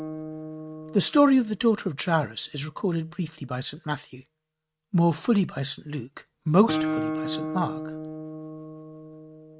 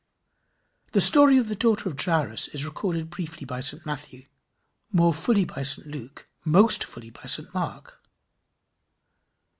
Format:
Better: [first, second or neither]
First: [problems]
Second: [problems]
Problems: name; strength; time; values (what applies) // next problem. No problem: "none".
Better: second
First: noise reduction (neural mask model RNNoise)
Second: none